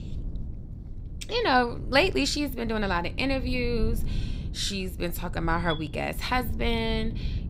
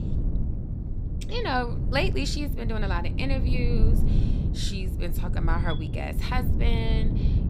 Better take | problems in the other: first | low rumble; loud; throughout; 9 dB below the speech; faint in the first

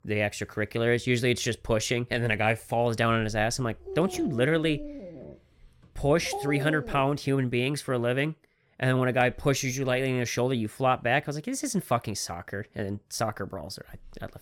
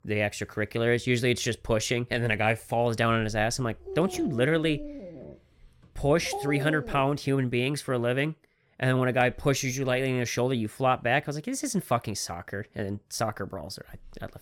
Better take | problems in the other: neither | dog barking; noticeable; from 4 to 7 s; peak 7 dB below the speech; the same in both

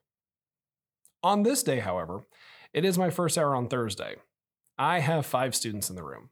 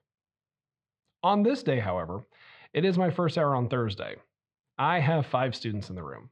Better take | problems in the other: first | muffled; slightly; fading above 4 kHz

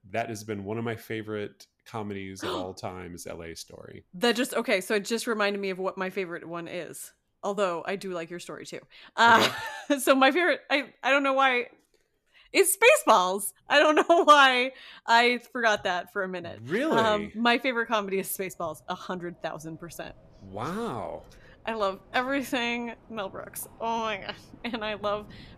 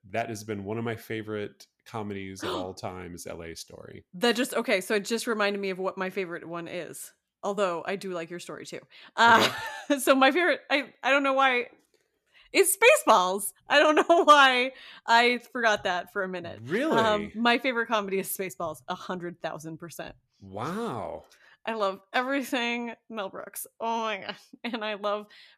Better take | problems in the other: second | wind in the background; faint; throughout; 30 dB below the speech

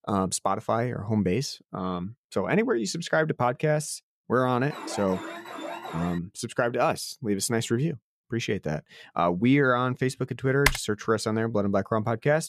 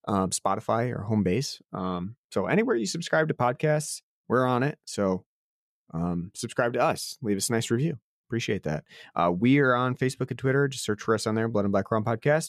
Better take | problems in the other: second | alarm; noticeable; from 4.5 to 6 s; peak 9 dB below the speech // keyboard typing; loud; at 11 s; peak 1 dB above the speech

